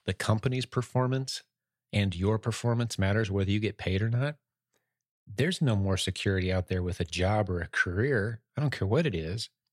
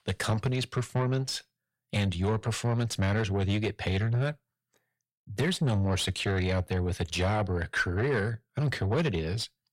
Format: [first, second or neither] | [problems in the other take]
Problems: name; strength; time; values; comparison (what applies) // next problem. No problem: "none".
first | distortion; slight; 9 dB below the speech